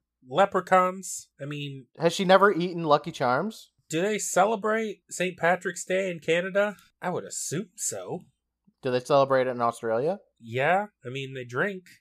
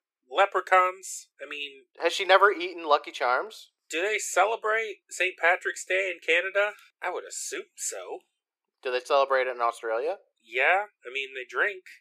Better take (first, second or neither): first